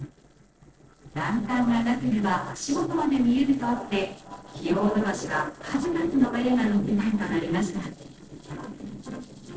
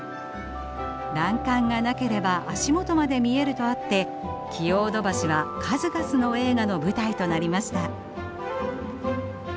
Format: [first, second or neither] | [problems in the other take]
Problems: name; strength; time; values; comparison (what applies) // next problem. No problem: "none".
second | noise reduction (neural separator model SepFormer DNS4)